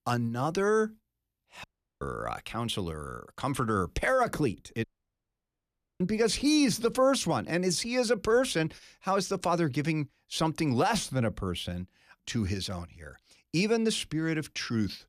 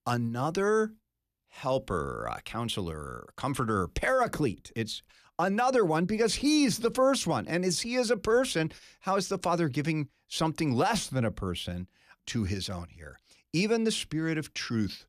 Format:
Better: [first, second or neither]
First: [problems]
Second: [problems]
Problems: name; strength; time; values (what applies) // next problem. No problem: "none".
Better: second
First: audio cutting out; at 1.5 s and at 5 s for 1 s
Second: none